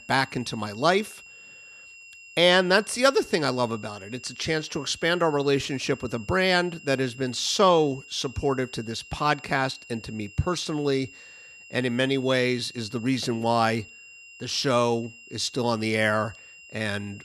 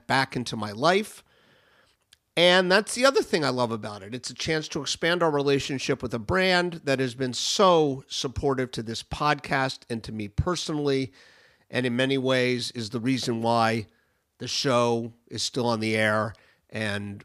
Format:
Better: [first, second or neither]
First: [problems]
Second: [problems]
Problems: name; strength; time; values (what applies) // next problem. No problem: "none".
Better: second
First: high-pitched whine; noticeable; throughout; 3 kHz, 20 dB below the speech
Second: none